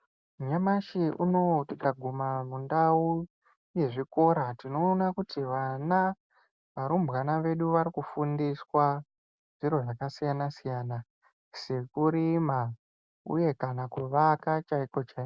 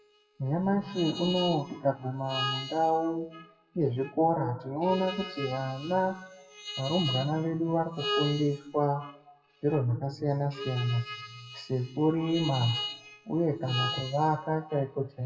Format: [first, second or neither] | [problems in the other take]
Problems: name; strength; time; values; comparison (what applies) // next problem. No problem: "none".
first | noise reduction (classical method WPE with log-MMSE)